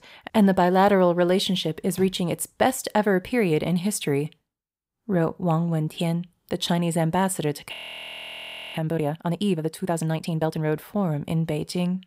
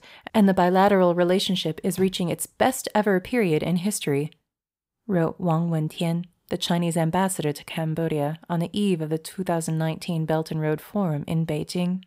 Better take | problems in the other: second | audio freezing; at 7.5 s for 1 s

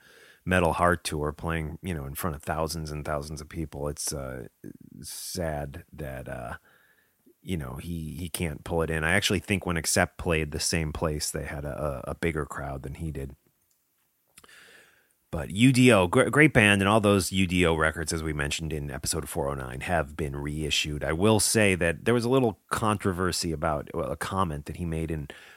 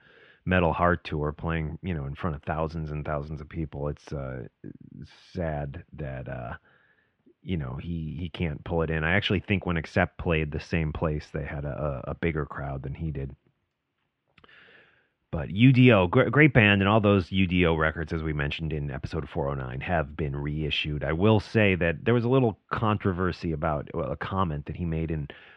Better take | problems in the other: first | muffled; very; fading above 3 kHz

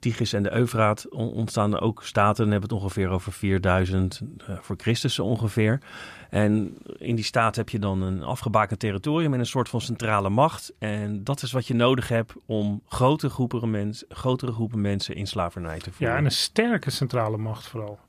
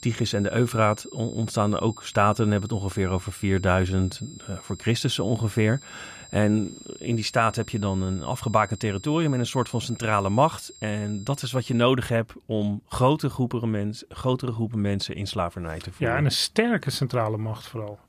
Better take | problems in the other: first | high-pitched whine; noticeable; until 12 s; 7.5 kHz, 20 dB below the speech

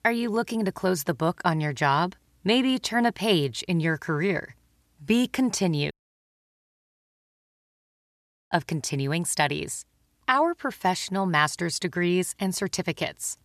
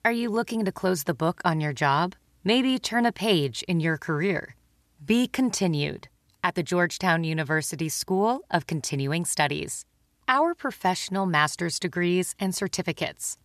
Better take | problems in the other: second | audio cutting out; at 6 s for 2.5 s

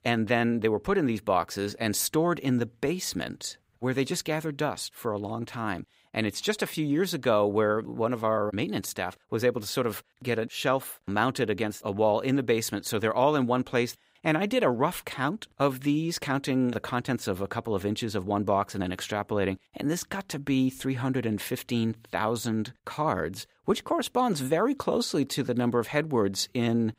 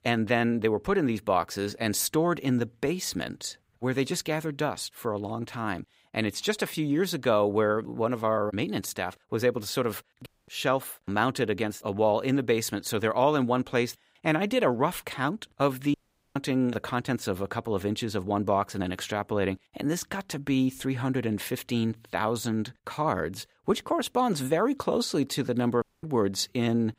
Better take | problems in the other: first | audio cutting out; at 10 s, at 16 s and at 26 s

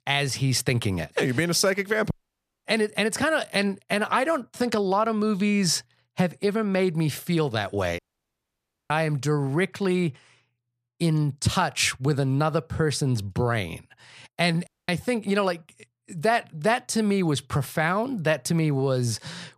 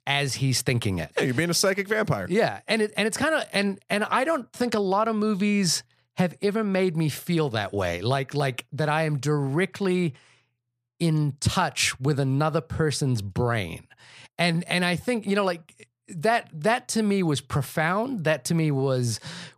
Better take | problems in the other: second | audio cutting out; at 2 s for 0.5 s, at 8 s for 1 s and at 15 s

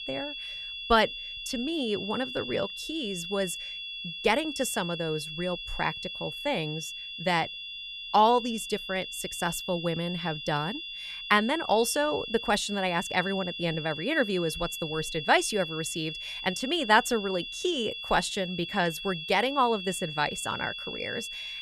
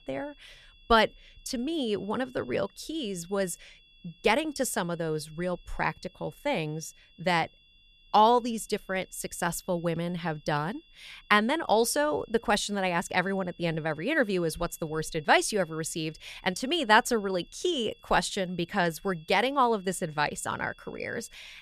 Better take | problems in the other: second | high-pitched whine; loud; throughout; 3.5 kHz, 7 dB below the speech; faint in the second

